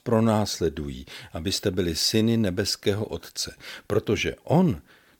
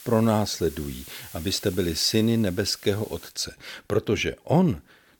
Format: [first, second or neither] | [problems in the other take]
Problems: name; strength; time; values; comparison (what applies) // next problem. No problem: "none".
first | hiss; noticeable; until 3.5 s; 20 dB below the speech